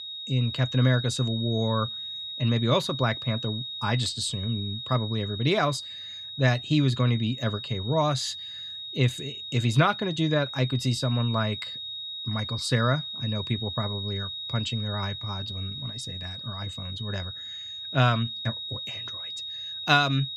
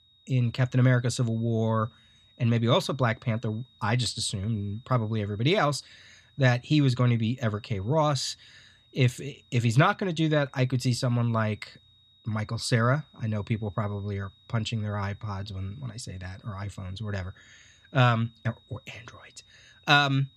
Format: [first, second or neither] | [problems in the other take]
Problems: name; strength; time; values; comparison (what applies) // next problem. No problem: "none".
second | high-pitched whine; loud; throughout; 4 kHz, 7 dB below the speech; faint in the second